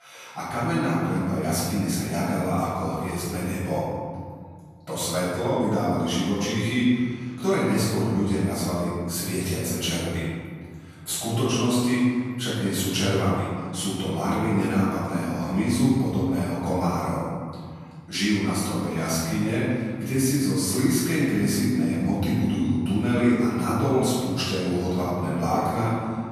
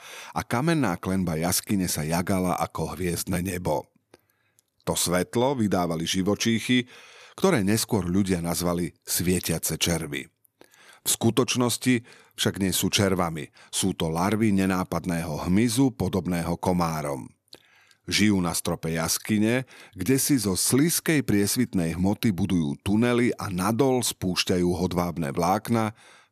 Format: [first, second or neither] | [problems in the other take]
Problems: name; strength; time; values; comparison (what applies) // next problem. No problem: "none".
second | off-mic speech; far // room echo; strong; dies away in 1.9 s